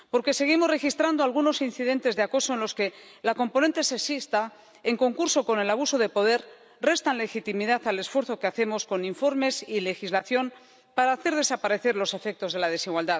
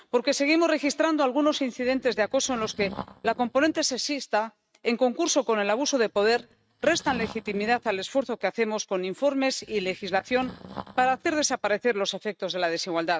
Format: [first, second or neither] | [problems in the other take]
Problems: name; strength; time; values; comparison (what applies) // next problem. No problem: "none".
first | noise reduction (neural mask model RNNoise)